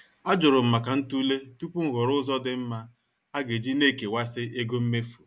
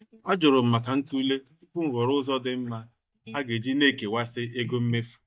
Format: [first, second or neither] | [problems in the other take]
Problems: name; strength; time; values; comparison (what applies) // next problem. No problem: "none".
first | noise reduction (neural mask model DeepFilterNet 3)